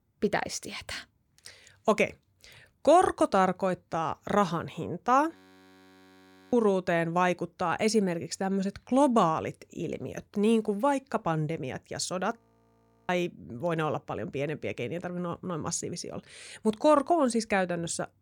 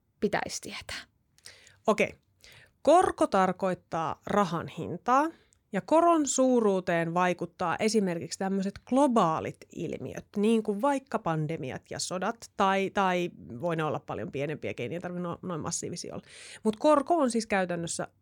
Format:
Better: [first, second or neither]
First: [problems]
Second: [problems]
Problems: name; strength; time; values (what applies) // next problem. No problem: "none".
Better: second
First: audio freezing; at 5.5 s for 1 s and at 12 s for 0.5 s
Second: none